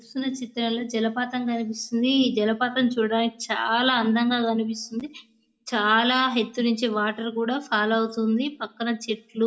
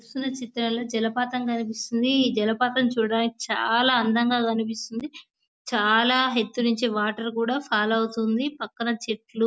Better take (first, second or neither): second